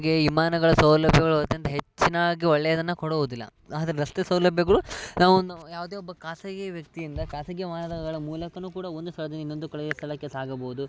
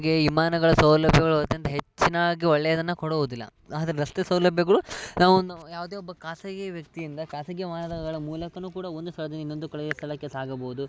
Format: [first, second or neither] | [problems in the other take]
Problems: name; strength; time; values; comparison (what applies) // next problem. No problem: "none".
second | background sound (Bass drum); 19 dB below the speech